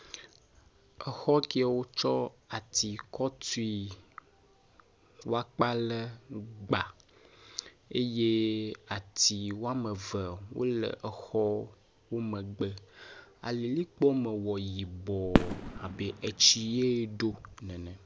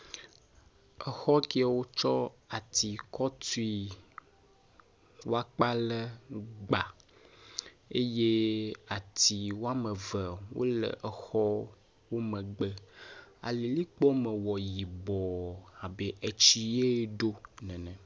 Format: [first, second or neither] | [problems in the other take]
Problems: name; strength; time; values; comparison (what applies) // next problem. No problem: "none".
second | background sound (Fireworks); 1 dB below the speech